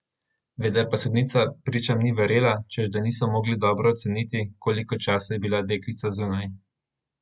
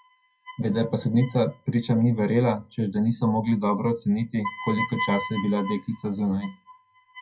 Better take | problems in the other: first | noise reduction (classical method WPE with log-MMSE)

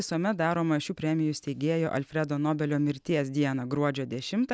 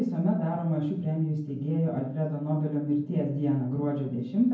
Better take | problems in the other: first | room echo; dies away in 0.9 s

